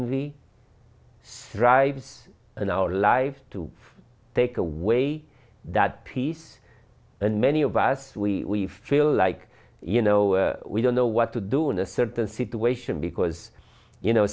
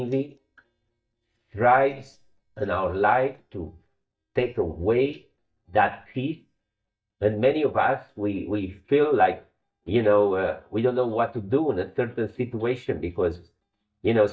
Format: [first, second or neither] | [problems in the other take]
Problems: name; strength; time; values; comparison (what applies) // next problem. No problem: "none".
first | noise reduction (neural mask model DeepFilterNet 3)